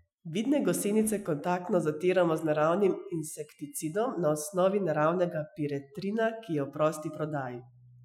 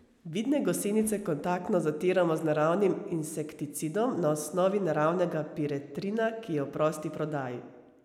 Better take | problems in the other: second | noise reduction (classical method Wiener filter)

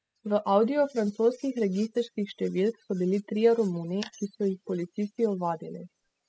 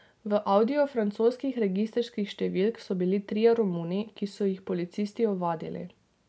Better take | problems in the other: second | noise reduction (classical method spectral subtraction)

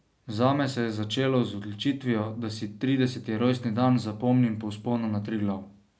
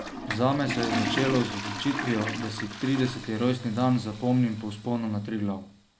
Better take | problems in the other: first | background sound (Toilet flush); 7 dB below the speech

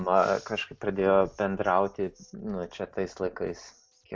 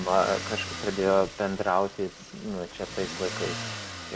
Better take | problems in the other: first | background sound (Motor vehicle (road)); 9 dB below the speech

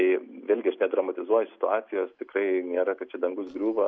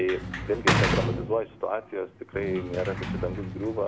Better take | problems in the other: first | background sound (Sliding door / Slam); as loud as the speech

